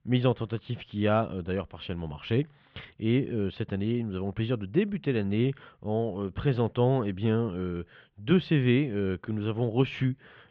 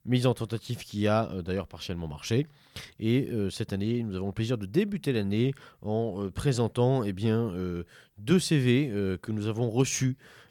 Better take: second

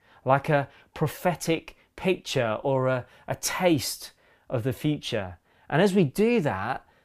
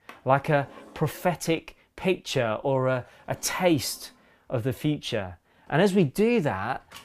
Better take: first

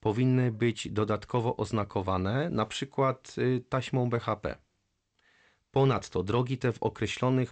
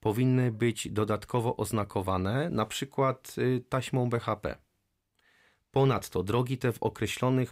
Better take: second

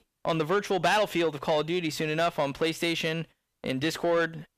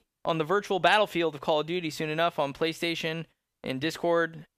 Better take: second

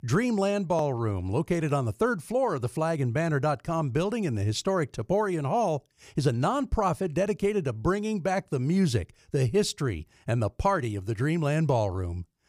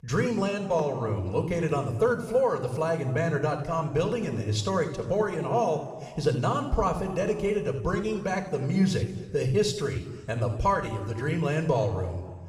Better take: first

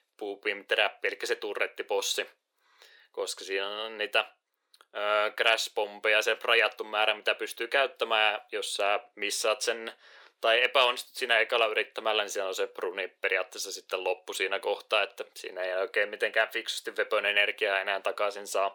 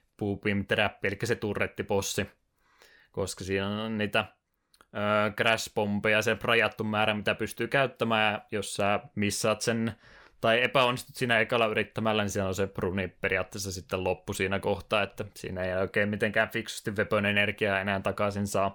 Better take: second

